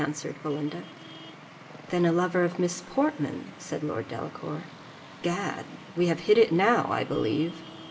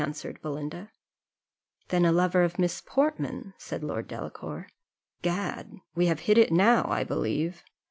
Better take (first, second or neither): second